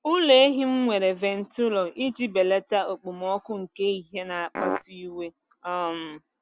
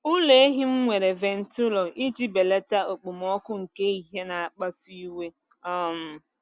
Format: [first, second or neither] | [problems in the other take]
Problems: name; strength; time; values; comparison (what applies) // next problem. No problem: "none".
second | background sound (Fart); 3 dB below the speech